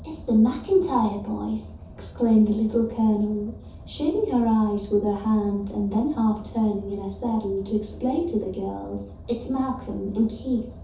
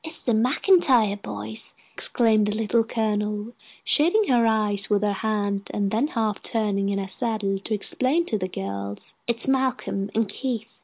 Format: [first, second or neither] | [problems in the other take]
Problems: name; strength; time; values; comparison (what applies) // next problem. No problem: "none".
second | background sound (Car); 16 dB below the speech // room echo; dies away in 0.5 s